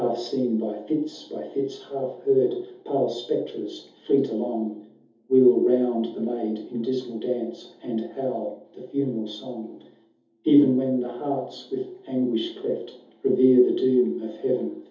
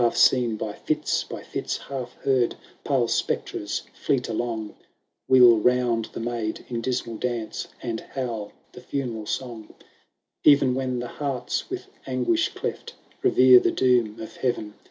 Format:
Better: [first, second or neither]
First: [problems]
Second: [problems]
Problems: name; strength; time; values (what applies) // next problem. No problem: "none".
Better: second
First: room echo; dies away in 0.6 s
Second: none